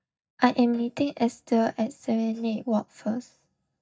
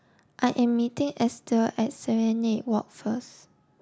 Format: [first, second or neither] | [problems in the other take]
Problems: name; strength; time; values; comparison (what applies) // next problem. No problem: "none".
second | noise reduction (neural mask model DeepFilterNet 3)